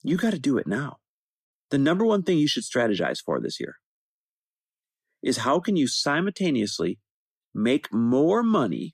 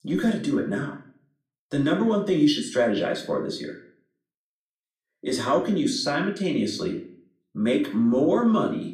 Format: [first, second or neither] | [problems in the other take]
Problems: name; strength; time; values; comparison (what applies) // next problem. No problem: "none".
first | room echo; slight; dies away in 0.4 s // off-mic speech; far